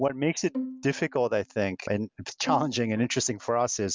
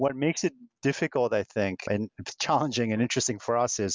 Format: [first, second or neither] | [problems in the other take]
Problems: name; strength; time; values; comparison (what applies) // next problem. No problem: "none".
second | background sound (Bowed string instrument); 11 dB below the speech